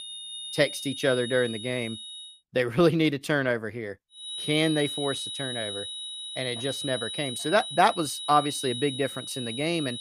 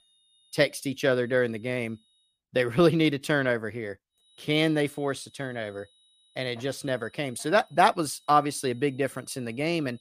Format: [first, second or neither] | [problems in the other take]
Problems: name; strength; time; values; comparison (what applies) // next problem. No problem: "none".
second | high-pitched whine; loud; until 2.5 s and from 4 s on; 4 kHz, 7 dB below the speech; faint in the second